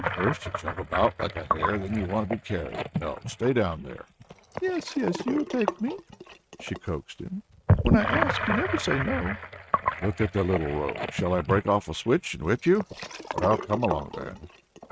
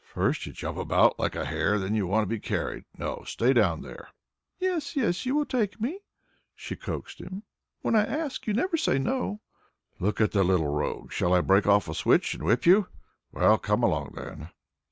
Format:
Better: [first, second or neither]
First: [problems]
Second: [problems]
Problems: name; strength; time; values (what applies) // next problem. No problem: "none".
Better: second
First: noise reduction (neural mask model RNNoise)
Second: none